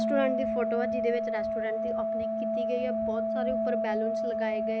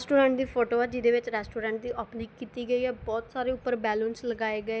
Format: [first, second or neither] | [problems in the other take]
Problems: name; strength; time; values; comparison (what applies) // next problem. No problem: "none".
second | background sound (Organ); 5 dB above the speech